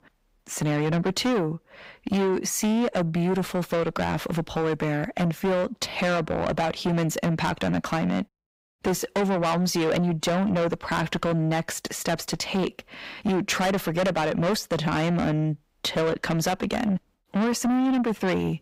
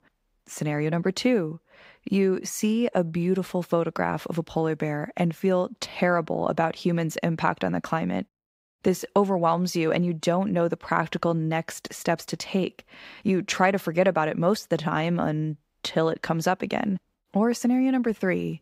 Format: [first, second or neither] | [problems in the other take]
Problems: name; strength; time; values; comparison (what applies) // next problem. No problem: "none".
second | distortion; heavy; 6 dB below the speech